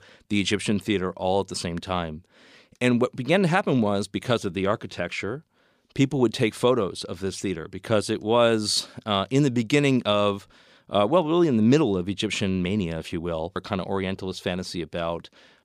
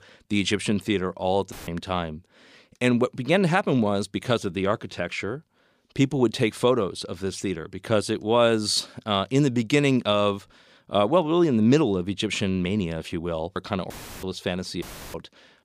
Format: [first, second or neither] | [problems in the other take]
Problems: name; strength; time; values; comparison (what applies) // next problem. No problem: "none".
first | audio cutting out; filled with static; at 1.5 s, at 14 s and at 15 s